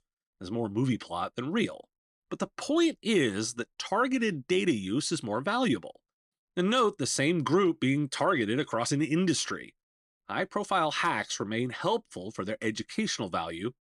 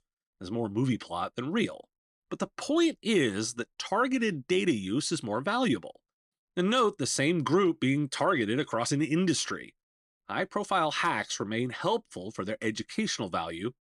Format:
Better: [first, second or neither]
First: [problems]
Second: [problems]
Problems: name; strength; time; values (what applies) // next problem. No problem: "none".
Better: neither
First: none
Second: none